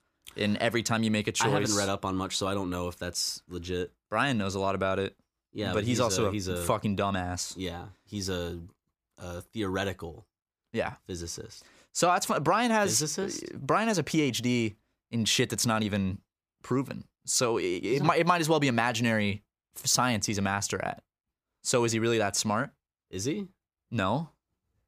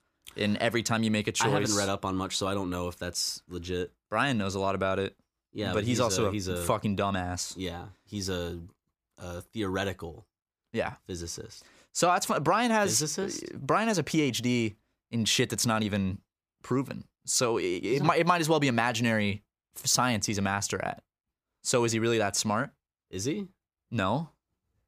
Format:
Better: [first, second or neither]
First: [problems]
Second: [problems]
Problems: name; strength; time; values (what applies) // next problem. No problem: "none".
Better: neither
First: none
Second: none